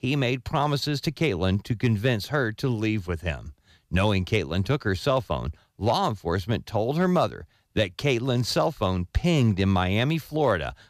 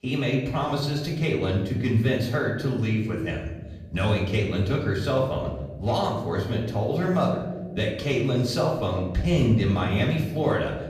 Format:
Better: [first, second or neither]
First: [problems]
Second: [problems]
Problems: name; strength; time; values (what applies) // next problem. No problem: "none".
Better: first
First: none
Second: room echo; noticeable; dies away in 1.1 s // off-mic speech; far